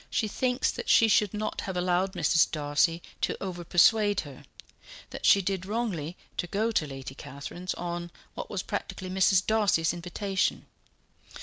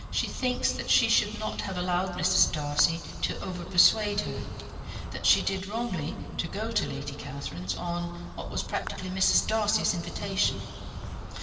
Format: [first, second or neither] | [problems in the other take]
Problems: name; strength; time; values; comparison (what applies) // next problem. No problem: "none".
first | background sound (Insect); 8 dB below the speech // room echo; dies away in 2.4 s